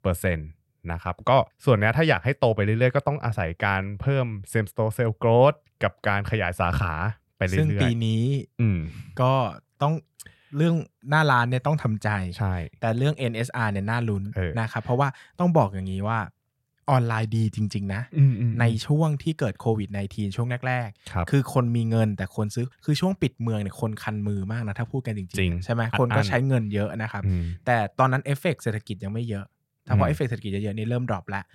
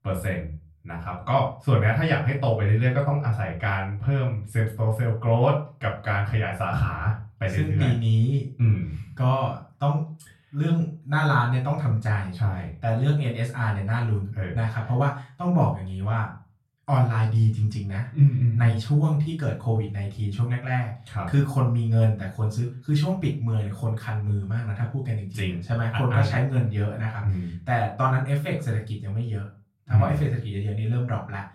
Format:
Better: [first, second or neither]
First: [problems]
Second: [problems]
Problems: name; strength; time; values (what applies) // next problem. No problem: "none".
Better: first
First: none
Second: off-mic speech; far // room echo; slight; dies away in 0.3 s